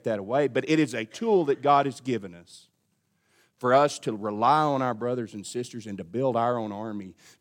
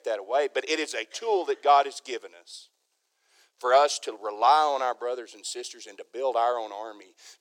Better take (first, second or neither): first